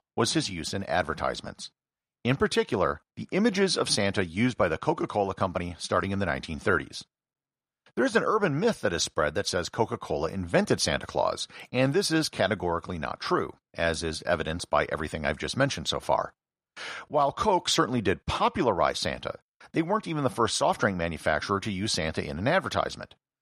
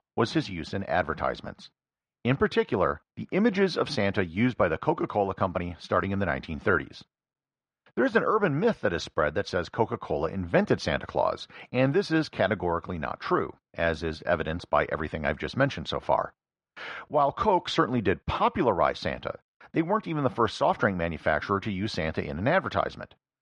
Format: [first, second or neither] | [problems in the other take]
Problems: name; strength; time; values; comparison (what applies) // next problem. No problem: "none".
first | muffled; slightly; fading above 3 kHz